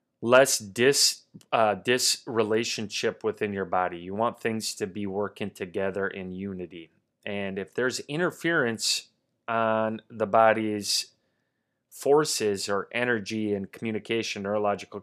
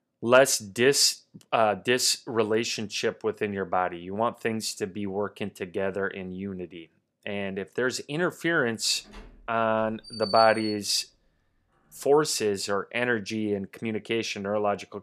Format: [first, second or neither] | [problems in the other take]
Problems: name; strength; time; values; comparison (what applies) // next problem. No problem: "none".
first | door banging; noticeable; from 9 to 11 s; peak 5 dB below the speech